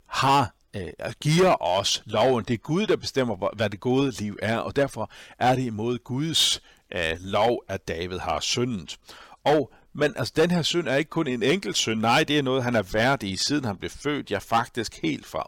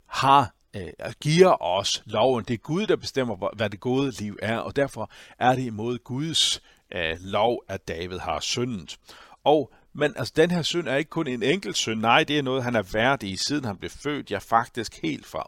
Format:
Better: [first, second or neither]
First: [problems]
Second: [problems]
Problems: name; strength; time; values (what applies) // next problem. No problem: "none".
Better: second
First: distortion; slight; 3% of the sound clipped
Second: none